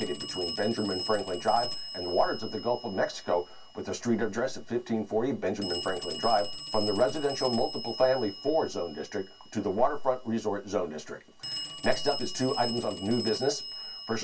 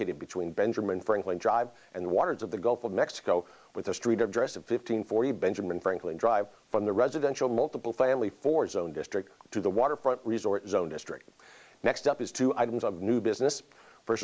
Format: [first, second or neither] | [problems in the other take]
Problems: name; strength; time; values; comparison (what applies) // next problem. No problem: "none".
second | background sound (Telephone); 10 dB below the speech // room echo; dies away in 0.1 s